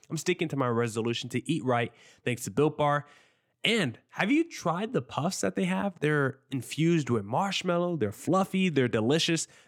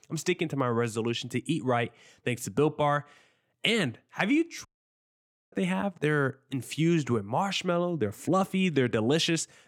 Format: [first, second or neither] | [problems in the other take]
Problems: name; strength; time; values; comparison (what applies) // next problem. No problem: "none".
first | audio cutting out; at 4.5 s for 1 s